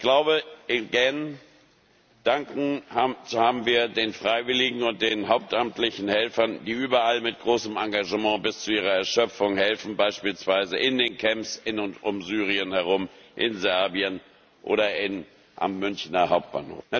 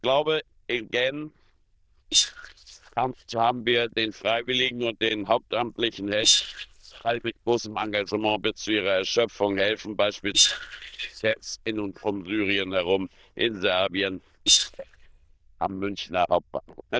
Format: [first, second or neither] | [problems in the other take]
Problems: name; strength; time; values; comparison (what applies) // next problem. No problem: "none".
first | noise reduction (neural diffusion model UNIVERSE++)